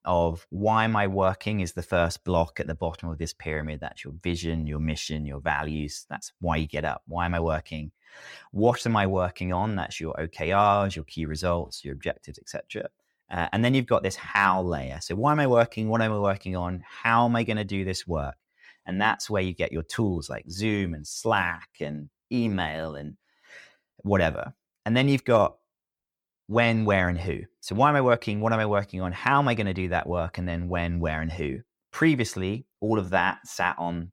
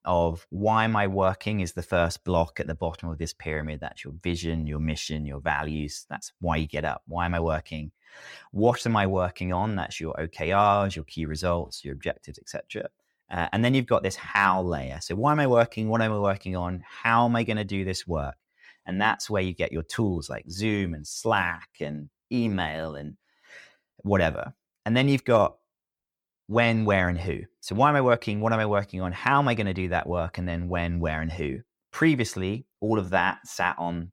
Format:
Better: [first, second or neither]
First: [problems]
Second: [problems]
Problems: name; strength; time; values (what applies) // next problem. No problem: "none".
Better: neither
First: none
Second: none